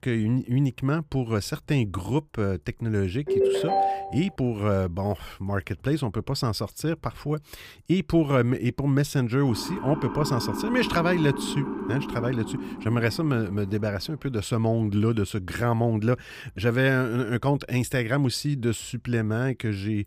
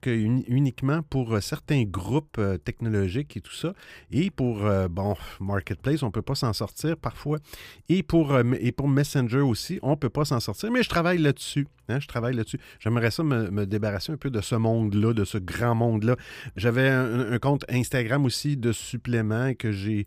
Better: second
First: phone ringing; loud; at 3.5 s; peak 3 dB above the speech // siren; noticeable; from 9.5 to 14 s; peak 5 dB below the speech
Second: none

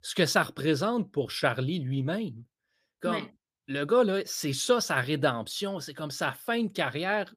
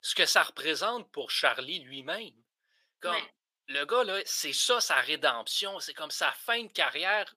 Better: first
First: none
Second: thin; very; fading below 700 Hz

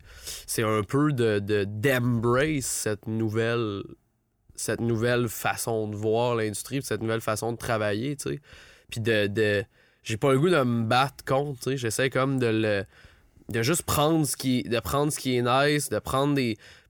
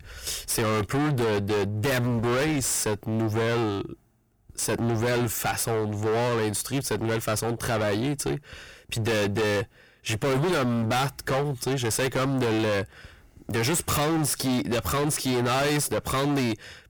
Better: first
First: none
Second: distortion; heavy; 30% of the sound clipped

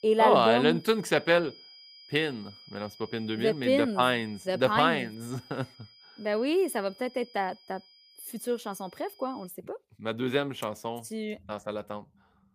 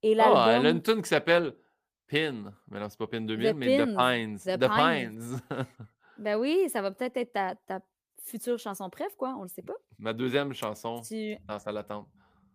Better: second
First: high-pitched whine; faint; until 9.5 s; 5 kHz, 25 dB below the speech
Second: none

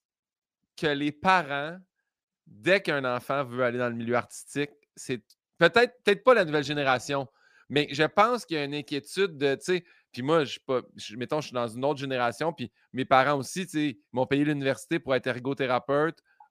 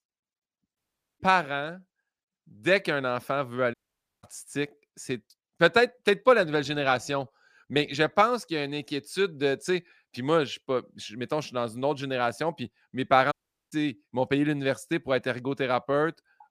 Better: first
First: none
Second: audio cutting out; at 1 s, at 3.5 s and at 13 s

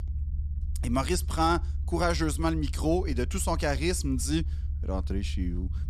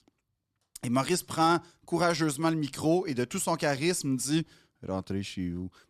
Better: second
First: low rumble; faint; throughout; 20 dB below the speech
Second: none

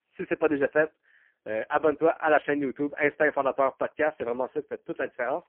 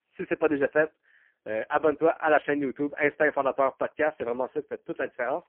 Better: neither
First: phone-call audio; poor line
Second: phone-call audio; poor line

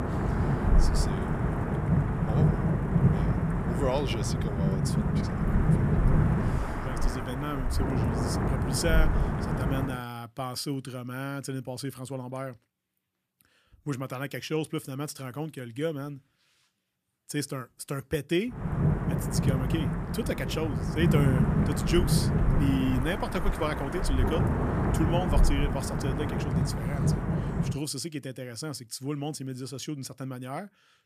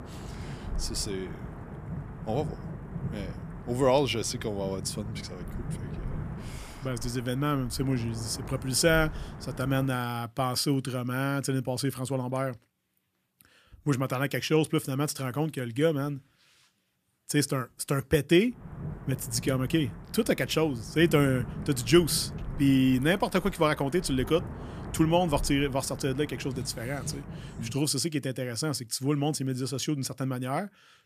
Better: second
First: wind noise on the microphone; heavy; until 10 s and from 19 to 28 s; 1 dB above the speech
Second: wind noise on the microphone; occasional gusts; until 10 s and from 19 to 28 s; 15 dB below the speech

